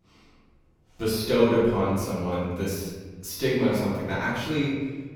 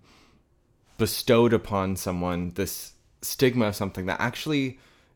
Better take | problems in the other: second | room echo; noticeable; dies away in 1.4 s // off-mic speech; far

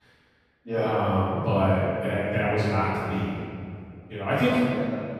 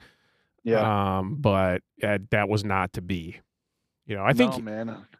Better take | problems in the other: second | off-mic speech; far // room echo; strong; dies away in 2.3 s

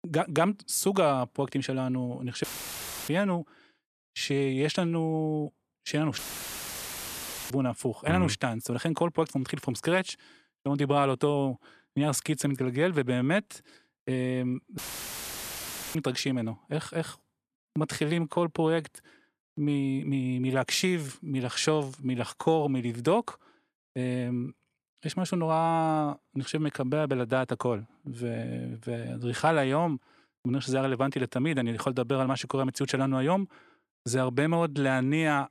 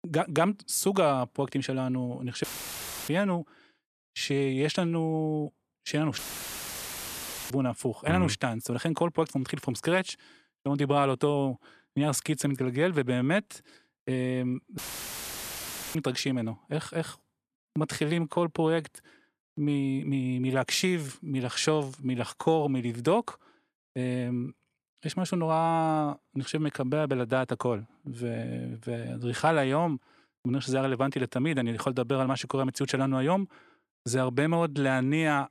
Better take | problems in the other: neither | audio cutting out; filled with static; at 2.5 s for 0.5 s, at 6 s for 1.5 s and at 15 s for 1 s; the same in both

